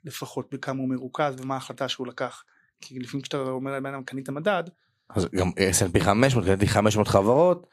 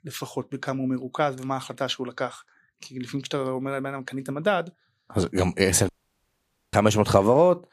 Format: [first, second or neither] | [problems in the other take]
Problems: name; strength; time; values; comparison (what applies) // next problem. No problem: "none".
first | audio cutting out; at 6 s for 1 s